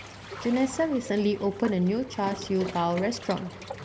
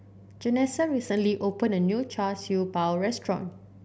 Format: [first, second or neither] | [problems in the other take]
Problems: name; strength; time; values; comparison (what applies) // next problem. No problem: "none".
second | background sound (Waves, surf); 13 dB below the speech